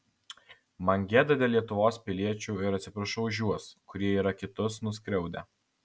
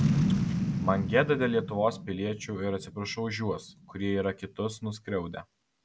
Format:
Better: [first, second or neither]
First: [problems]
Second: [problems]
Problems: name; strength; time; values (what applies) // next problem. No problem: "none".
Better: first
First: none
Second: background sound (Boom); 2 dB below the speech